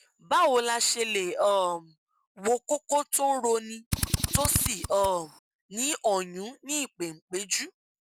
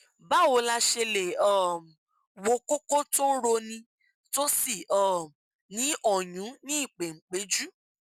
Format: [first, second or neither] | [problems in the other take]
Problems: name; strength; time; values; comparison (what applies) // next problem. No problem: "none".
second | background sound (Drill); 2 dB below the speech